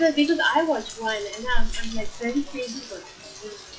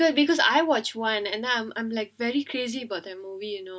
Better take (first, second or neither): second